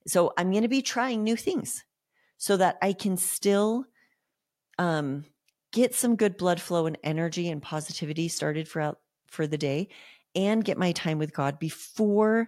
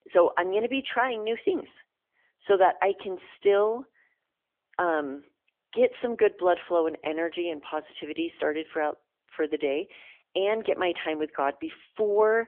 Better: first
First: none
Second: phone-call audio; nothing above 3.5 kHz

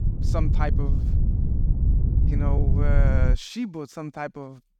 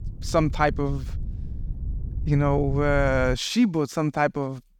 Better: second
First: wind noise on the microphone; heavy; until 3.5 s; 5 dB below the speech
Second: wind noise on the microphone; occasional gusts; until 3.5 s; 25 dB below the speech

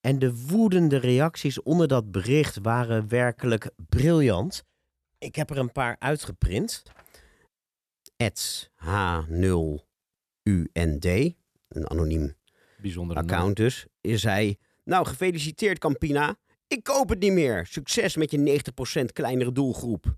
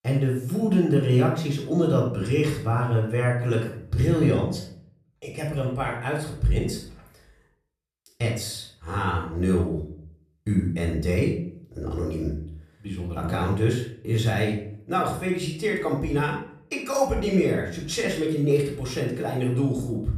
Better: first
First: none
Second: off-mic speech; somewhat distant // room echo; noticeable; dies away in 0.5 s

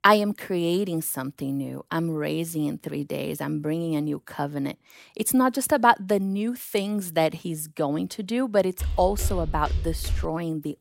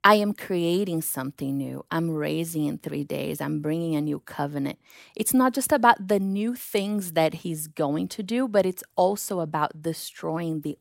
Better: second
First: footsteps; noticeable; from 9 to 10 s; peak 4 dB below the speech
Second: none

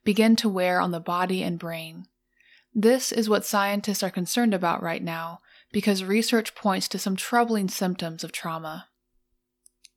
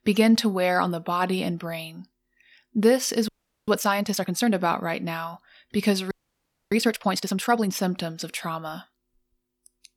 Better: first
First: none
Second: audio freezing; at 3.5 s and at 6 s for 0.5 s

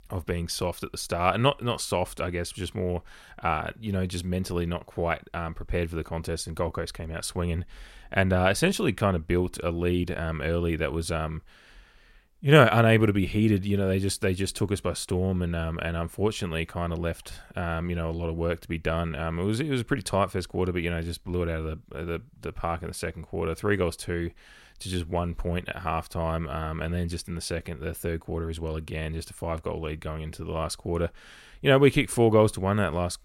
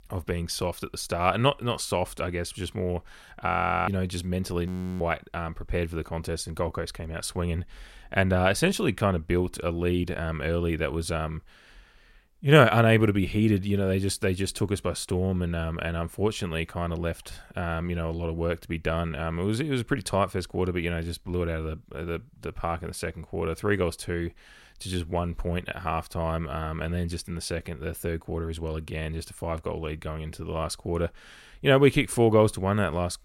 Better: first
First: none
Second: audio freezing; at 3.5 s and at 4.5 s

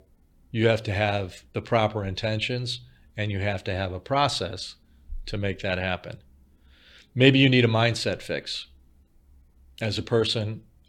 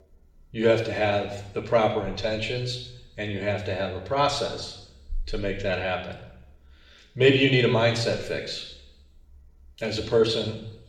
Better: first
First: none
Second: room echo; noticeable; dies away in 0.7 s // off-mic speech; far

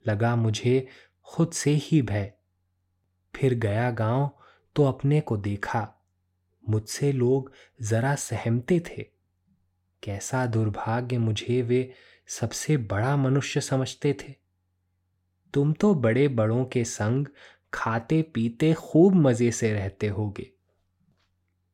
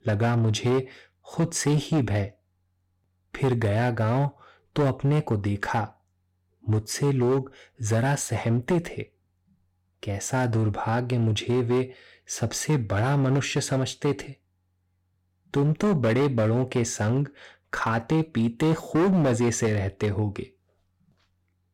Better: first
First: none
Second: distortion; slight; 9% of the sound clipped

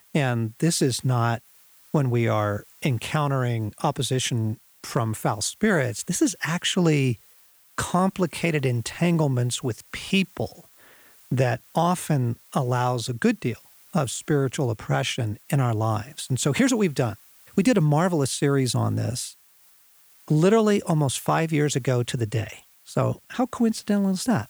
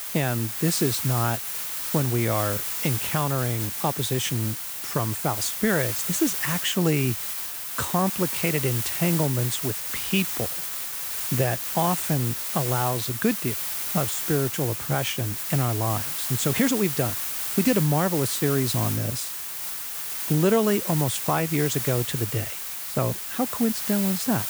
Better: first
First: hiss; faint; throughout; 25 dB below the speech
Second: hiss; loud; throughout; 2 dB below the speech

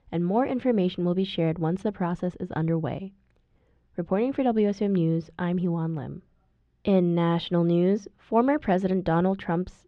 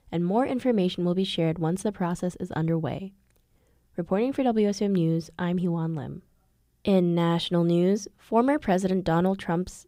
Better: second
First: muffled; slightly; fading above 3 kHz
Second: none

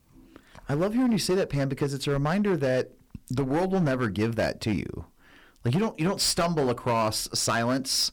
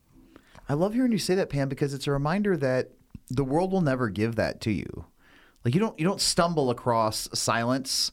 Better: second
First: distortion; slight; 9% of the sound clipped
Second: none

